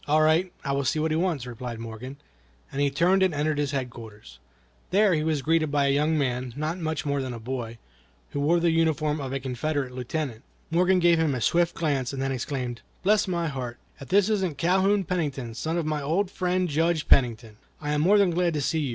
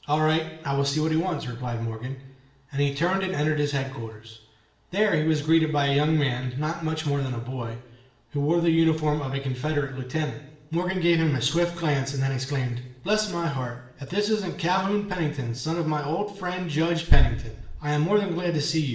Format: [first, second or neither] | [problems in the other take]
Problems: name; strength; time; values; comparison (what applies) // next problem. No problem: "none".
first | room echo; dies away in 0.8 s